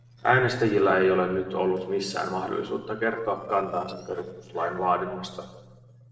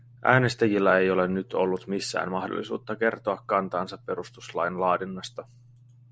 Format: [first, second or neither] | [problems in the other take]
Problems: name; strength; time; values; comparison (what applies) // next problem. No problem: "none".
second | noise reduction (neural separator model SepFormer DNS4)